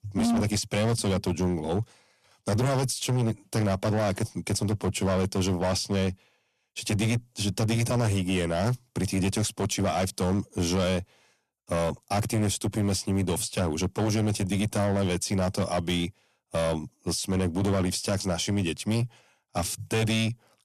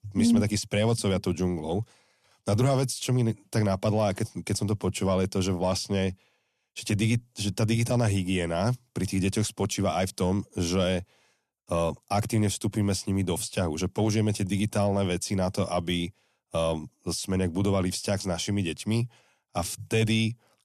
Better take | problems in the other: second | distortion; slight; 16% of the sound clipped

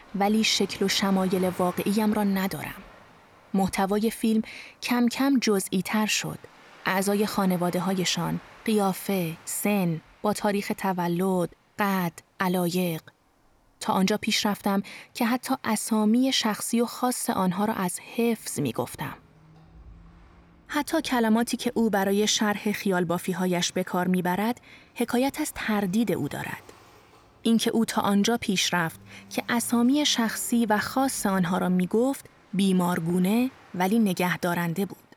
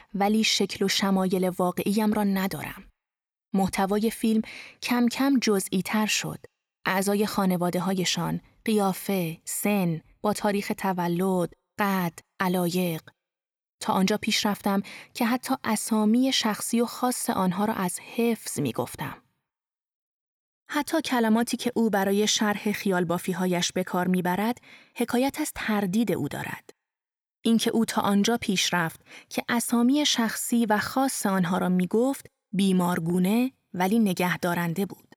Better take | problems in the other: second | rain or running water; faint; throughout; 25 dB below the speech

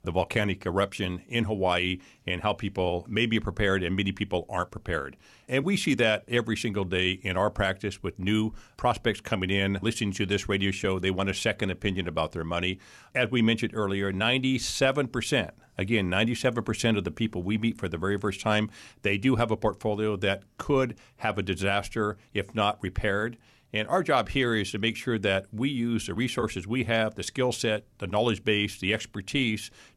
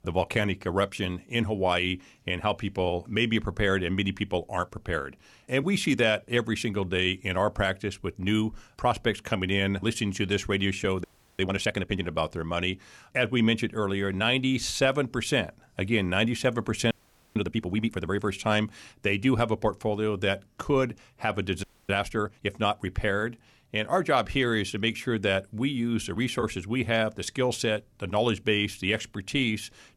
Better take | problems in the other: first | audio freezing; at 11 s, at 17 s and at 22 s

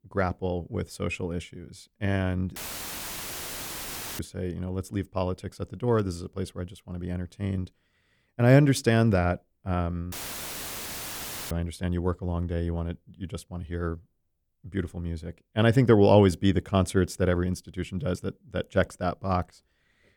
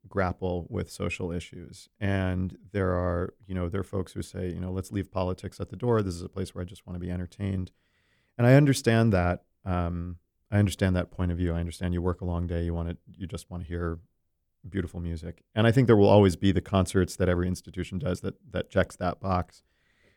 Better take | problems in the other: second | audio cutting out; filled with static; at 2.5 s for 1.5 s and at 10 s for 1.5 s

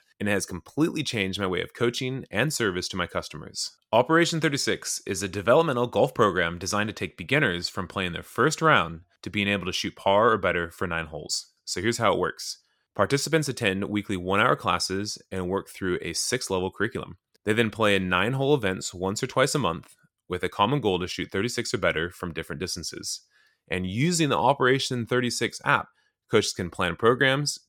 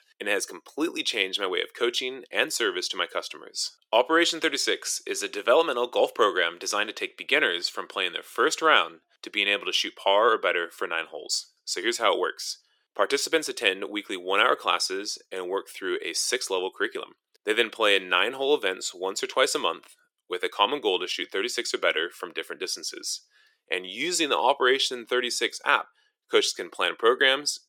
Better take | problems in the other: first | thin; somewhat; fading below 350 Hz

